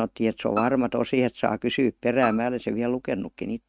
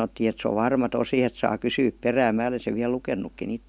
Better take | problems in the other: second | noise reduction (neural mask model RNNoise)

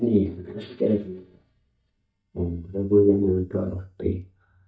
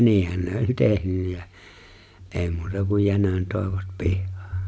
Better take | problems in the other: second | noise reduction (neural mask model DeepFilterNet 3)

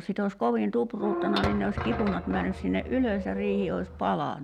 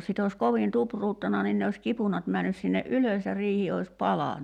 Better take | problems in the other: second | background sound (Squeak / Thump, thud); 6 dB below the speech

